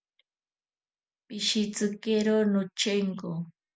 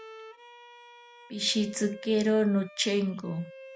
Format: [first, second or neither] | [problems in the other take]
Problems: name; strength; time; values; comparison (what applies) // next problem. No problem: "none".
first | background sound (Bowed string instrument); 18 dB below the speech